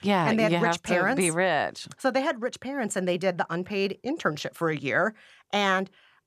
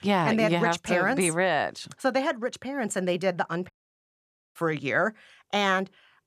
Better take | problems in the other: first | audio cutting out; at 3.5 s for 1 s

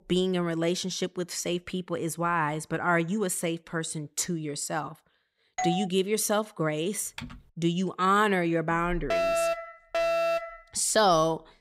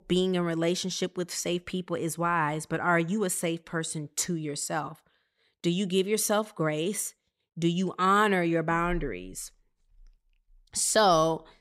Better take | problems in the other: second | doorbell; noticeable; at 5.5 s; peak 4 dB below the speech // keyboard typing; faint; at 7 s; peak 15 dB below the speech // alarm; loud; from 9 to 11 s; peak 2 dB above the speech

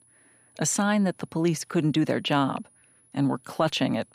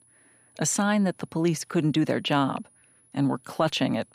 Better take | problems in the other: neither | high-pitched whine; faint; throughout; 10.5 kHz, 35 dB below the speech; the same in both

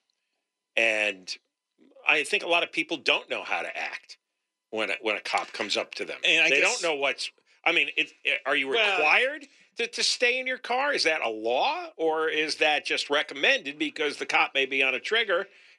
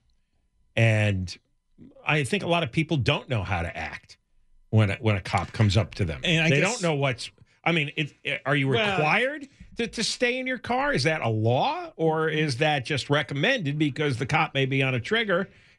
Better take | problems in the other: second | thin; very; fading below 350 Hz

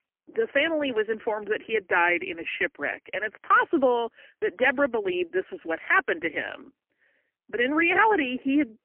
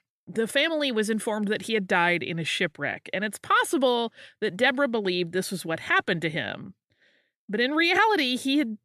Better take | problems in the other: second | phone-call audio; poor line; nothing above 3 kHz

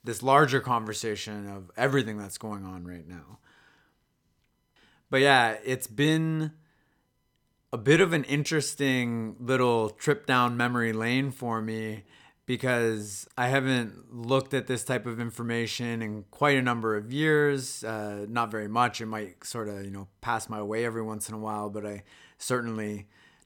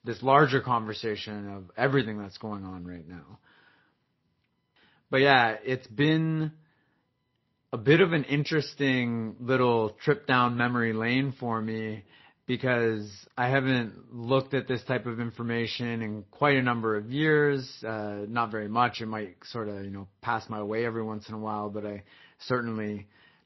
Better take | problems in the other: first | garbled, watery; slightly; nothing above 5.5 kHz

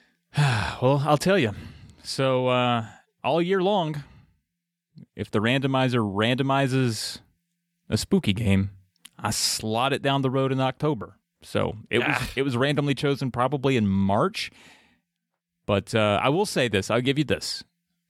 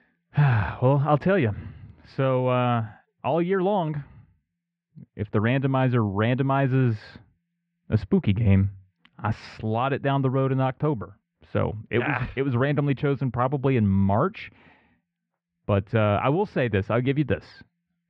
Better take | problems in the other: first | muffled; very; fading above 2 kHz

